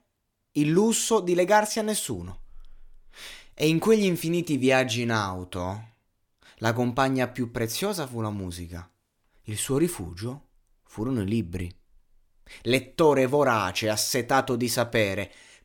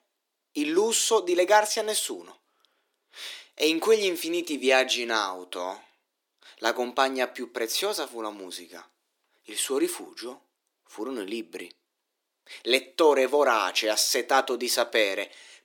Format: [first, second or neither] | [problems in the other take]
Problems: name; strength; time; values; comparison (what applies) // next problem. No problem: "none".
first | thin; somewhat; fading below 300 Hz